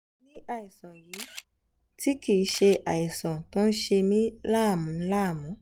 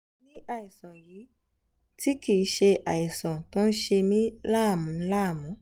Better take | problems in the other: second | background sound (Camera); 14 dB below the speech

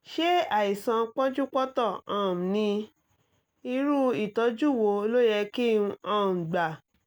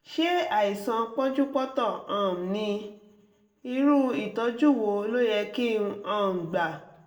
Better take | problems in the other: first | room echo; dies away in 0.5 s

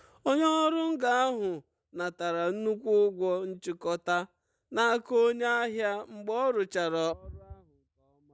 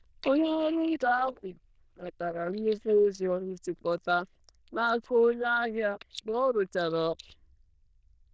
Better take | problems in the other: first | noise reduction (neural diffusion model UNIVERSE++)

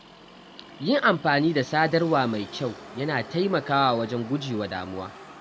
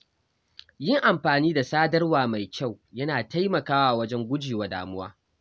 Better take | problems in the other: second | background sound (Motor vehicle (road)); 17 dB below the speech

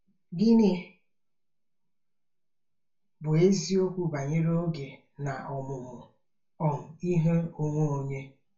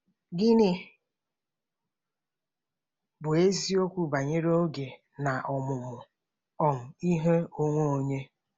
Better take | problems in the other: second | room echo; dies away in 0.2 s

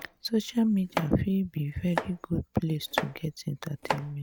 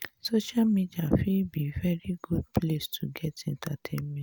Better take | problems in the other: second | noise reduction (neural mask model RNNoise)

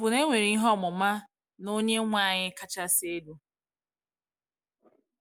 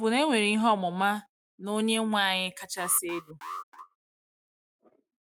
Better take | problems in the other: first | noise reduction (neural mask model RNNoise)

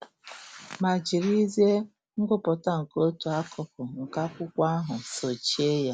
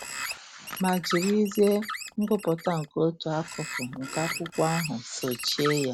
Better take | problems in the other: first | background sound (Bird); 9 dB below the speech

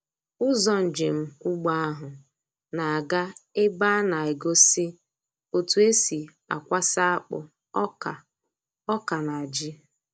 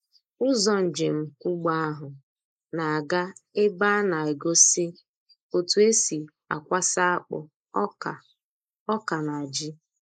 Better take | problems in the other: first | noise reduction (neural mask model Resemble Enhance denoiser)

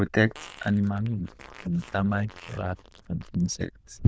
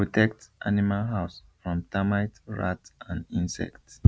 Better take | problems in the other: second | noise reduction (neural diffusion model UNIVERSE++)

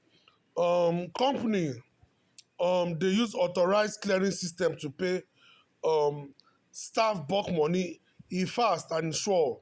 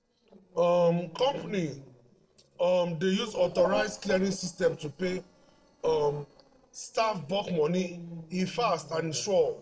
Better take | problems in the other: first | noise reduction (neural separator model SepFormer DNS4)

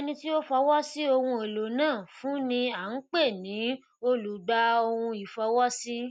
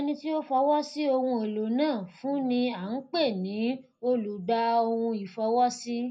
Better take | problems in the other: first | room echo; dies away in 0.3 s

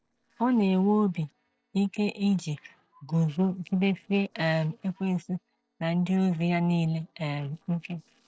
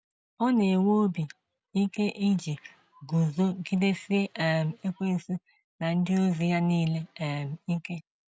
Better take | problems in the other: second | noise reduction (neural separator model SepFormer DNS4)

